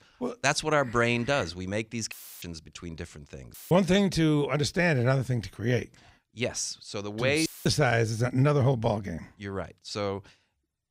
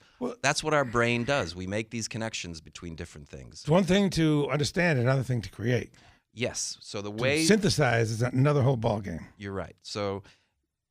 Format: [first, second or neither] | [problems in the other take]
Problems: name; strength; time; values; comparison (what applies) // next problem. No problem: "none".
second | audio cutting out; filled with static; at 2 s, at 3.5 s and at 7.5 s